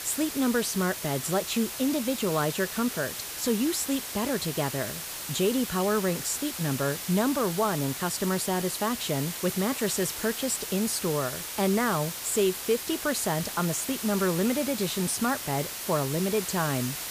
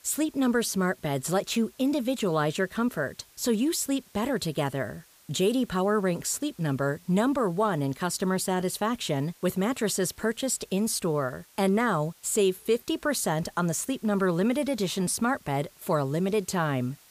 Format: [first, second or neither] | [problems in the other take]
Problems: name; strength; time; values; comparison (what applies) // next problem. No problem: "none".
second | hiss; loud; throughout; 5 dB below the speech; faint in the second